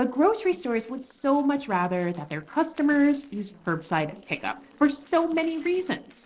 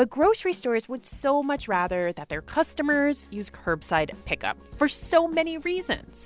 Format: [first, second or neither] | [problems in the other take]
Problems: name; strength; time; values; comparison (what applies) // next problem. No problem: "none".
second | noise reduction (neural separator model SepFormer DNS4)